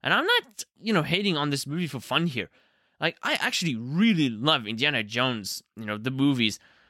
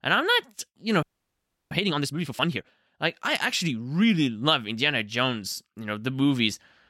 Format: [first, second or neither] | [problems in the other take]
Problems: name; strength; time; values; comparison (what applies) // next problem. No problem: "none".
first | audio freezing; at 1 s for 0.5 s